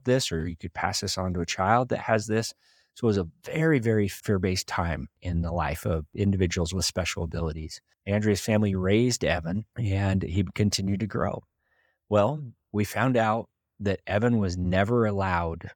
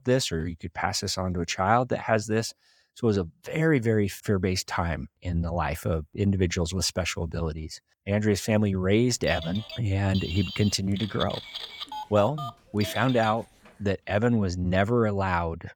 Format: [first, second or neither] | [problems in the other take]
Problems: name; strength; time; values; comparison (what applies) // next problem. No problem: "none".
first | phone ringing; noticeable; from 9 to 13 s; peak 8 dB below the speech